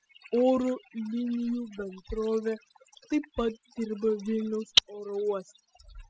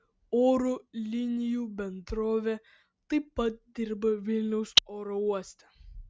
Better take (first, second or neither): second